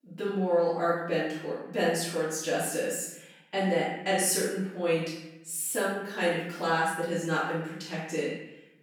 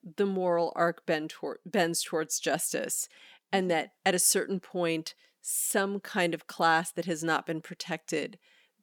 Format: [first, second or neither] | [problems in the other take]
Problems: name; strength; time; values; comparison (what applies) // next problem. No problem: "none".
second | off-mic speech; far // room echo; noticeable; dies away in 0.9 s